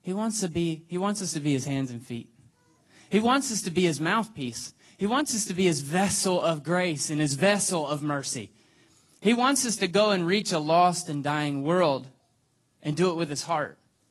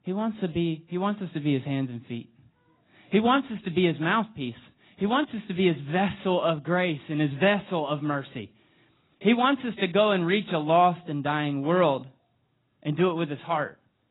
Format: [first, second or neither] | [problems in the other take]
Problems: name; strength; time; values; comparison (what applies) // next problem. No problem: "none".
first | garbled, watery; badly; nothing above 4 kHz; slightly in the first